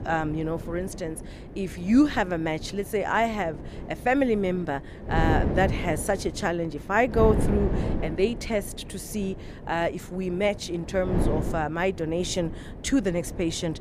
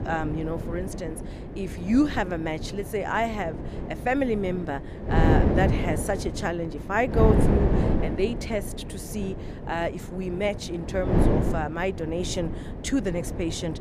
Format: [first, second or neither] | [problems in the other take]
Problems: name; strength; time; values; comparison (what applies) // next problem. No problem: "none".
first | wind noise on the microphone; heavy; 5 dB below the speech; occasional gusts in the first